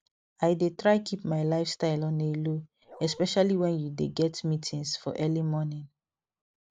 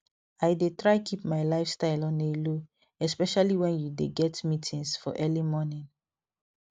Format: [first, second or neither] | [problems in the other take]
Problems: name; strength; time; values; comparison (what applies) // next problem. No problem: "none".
second | background sound (Bark); 20 dB below the speech